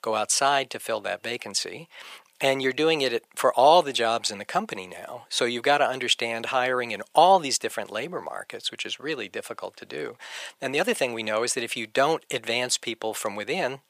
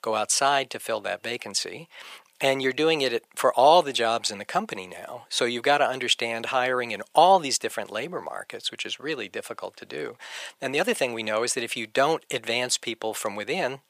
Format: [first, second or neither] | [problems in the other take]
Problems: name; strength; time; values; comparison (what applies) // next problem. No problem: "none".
neither | thin; very; fading below 700 Hz; the same in both